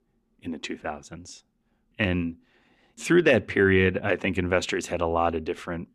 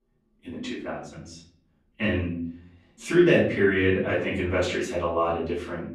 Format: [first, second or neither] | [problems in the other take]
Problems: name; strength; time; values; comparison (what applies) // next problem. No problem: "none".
first | off-mic speech; far // room echo; noticeable; dies away in 0.5 s